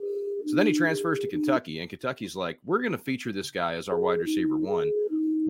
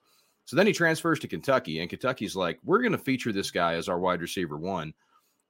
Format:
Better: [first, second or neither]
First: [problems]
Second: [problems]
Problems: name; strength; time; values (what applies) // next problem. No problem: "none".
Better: second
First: siren; loud; until 1.5 s and from 4 s on; peak 4 dB above the speech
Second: none